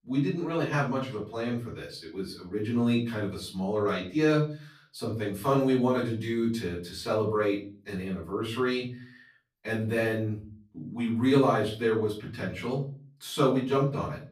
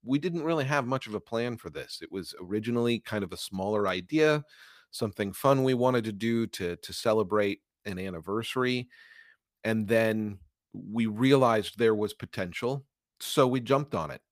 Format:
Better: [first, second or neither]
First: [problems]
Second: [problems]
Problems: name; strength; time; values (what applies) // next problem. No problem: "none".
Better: second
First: off-mic speech; far // room echo; slight; dies away in 0.4 s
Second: none